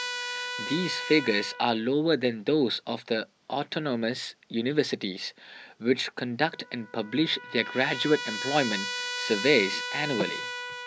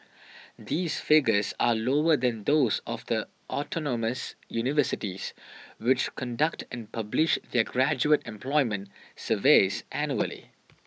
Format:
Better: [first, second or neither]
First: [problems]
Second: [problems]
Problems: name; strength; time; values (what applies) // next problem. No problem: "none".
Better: second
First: background sound (Trumpet); 9 dB below the speech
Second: none